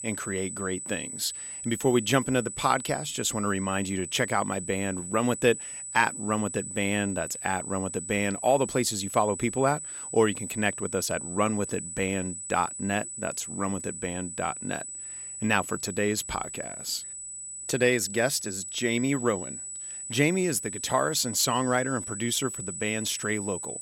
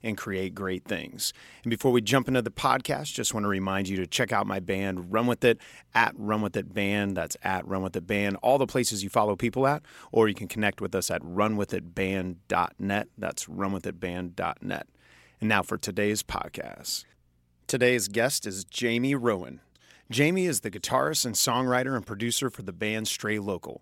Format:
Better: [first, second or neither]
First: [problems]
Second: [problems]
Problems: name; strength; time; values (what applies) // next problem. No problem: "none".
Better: second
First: high-pitched whine; loud; throughout; 8 kHz, 7 dB below the speech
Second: none